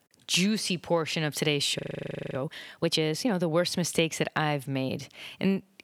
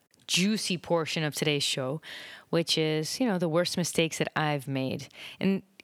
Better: second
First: audio freezing; at 2 s for 0.5 s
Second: none

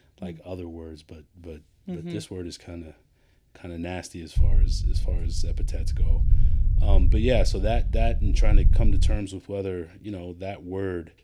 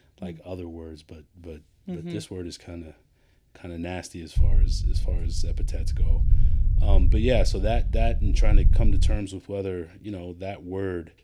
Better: neither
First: low rumble; noticeable; from 4.5 to 9 s; 10 dB below the speech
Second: low rumble; noticeable; from 4.5 to 9 s; 10 dB below the speech

